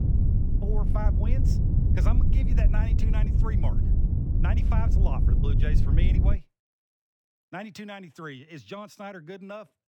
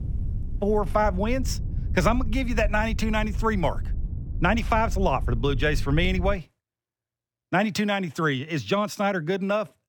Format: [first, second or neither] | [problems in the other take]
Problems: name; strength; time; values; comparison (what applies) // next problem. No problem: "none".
second | wind noise on the microphone; heavy; until 6.5 s; 1 dB below the speech; occasional gusts in the second